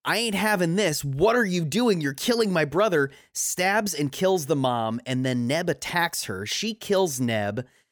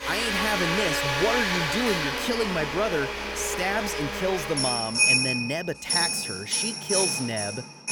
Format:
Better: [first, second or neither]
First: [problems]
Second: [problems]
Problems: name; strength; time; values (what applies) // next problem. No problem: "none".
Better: first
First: none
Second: household noises; very loud; throughout; 4 dB above the speech